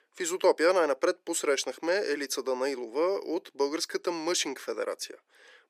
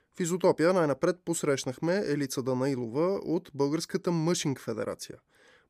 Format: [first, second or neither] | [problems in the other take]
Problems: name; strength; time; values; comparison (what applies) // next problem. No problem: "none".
second | thin; somewhat; fading below 350 Hz